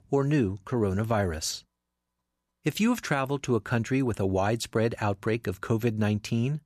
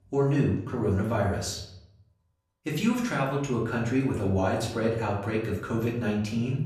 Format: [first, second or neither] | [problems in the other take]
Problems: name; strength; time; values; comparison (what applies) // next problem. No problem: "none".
first | off-mic speech; far // room echo; noticeable; dies away in 0.7 s